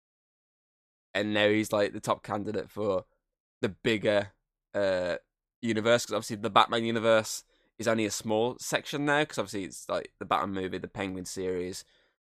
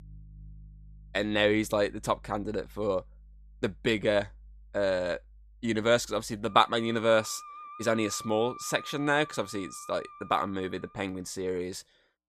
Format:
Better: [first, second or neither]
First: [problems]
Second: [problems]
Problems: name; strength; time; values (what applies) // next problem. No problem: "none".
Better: first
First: none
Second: background music; noticeable; throughout; 20 dB below the speech